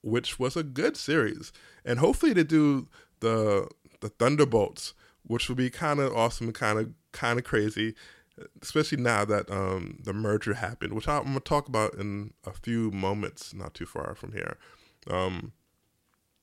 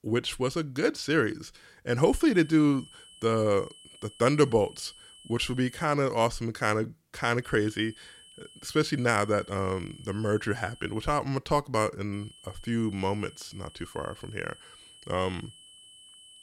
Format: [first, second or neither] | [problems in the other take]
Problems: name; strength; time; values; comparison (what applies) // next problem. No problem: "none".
first | high-pitched whine; faint; from 2 to 6 s, from 7.5 to 11 s and from 12 s on; 3 kHz, 20 dB below the speech